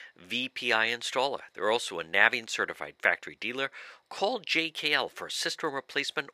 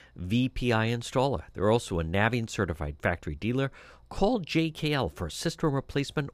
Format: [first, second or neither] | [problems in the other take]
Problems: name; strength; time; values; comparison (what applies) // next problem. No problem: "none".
second | thin; very; fading below 500 Hz